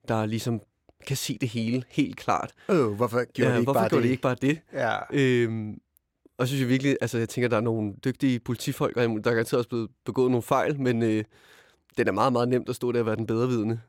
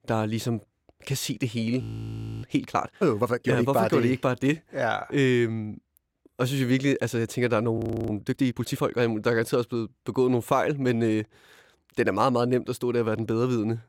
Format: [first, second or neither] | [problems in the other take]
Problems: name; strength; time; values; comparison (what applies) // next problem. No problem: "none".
first | audio freezing; at 2 s for 0.5 s and at 8 s